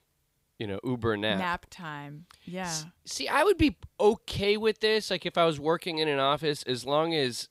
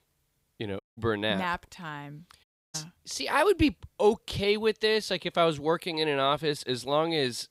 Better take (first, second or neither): first